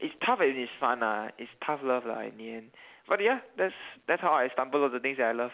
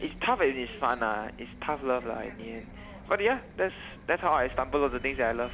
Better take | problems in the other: first | background sound (Bus); 15 dB below the speech

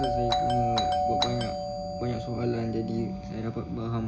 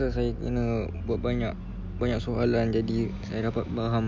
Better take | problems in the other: second | background sound (Doorbell); 1 dB above the speech // room echo; dies away in 0.4 s

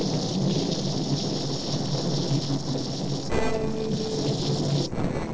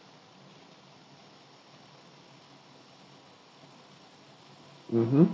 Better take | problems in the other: second | noise reduction (neural separator model SepFormer DNS4)

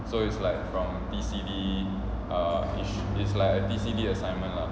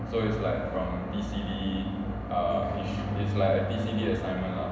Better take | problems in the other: first | room echo; dies away in 0.8 s

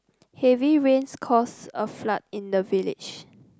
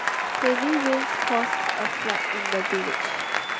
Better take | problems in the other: first | background sound (Applause); 3 dB above the speech

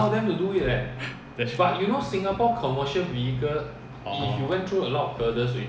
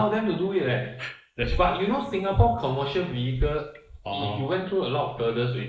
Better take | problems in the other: first | noise reduction (neural mask model Resemble Enhance denoiser)

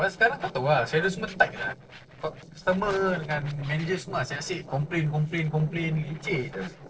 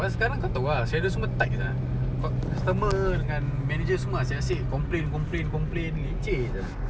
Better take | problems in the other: second | noise reduction (neural separator model SepFormer DNS4)

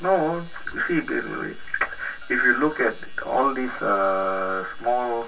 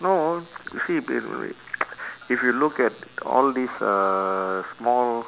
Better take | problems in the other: second | room echo; dies away in 0.1 s

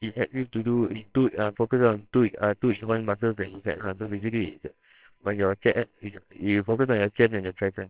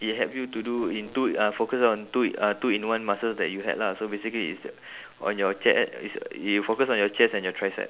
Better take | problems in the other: second | noise reduction (neural separator model SepFormer WHAMR!)

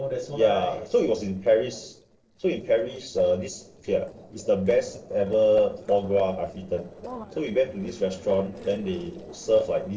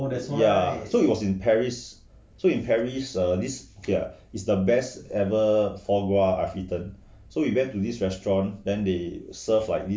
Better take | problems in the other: second | noise reduction (neural separator model SepFormer DNS4)

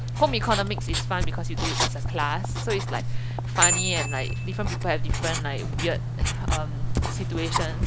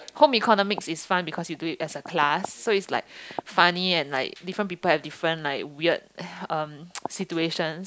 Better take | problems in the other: second | background sound (Writing + Bicycle bell); 4 dB above the speech

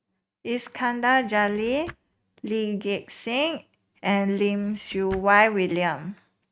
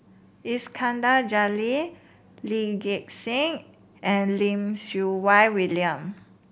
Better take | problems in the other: second | noise reduction (neural mask model RNNoise)

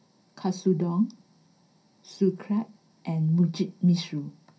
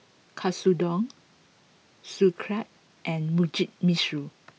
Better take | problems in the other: second | room echo; dies away in 0.3 s

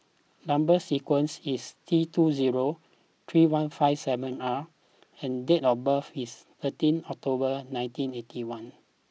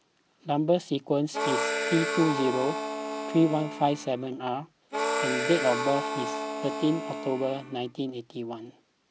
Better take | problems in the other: first | background sound (Harmonica); 3 dB below the speech

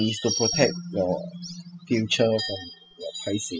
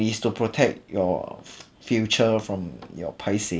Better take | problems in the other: second | noise reduction (classical method spectral subtraction)

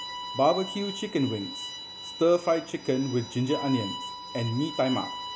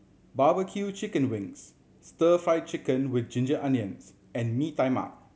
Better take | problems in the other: second | background sound (Bowed string instrument); 10 dB below the speech

